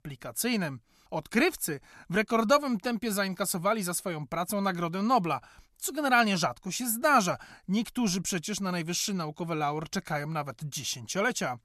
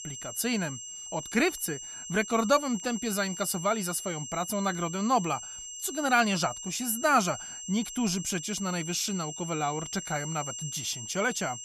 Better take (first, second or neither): first